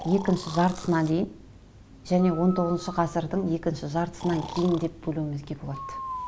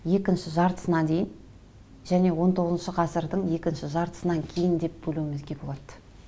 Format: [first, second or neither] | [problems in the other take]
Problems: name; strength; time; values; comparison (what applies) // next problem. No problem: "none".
second | background sound (Breathing); 14 dB below the speech